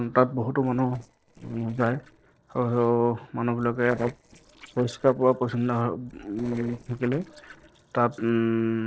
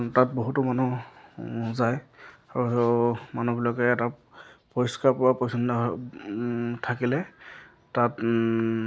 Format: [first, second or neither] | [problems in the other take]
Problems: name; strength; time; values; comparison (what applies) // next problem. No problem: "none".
second | noise reduction (neural separator model SepFormer DNS4)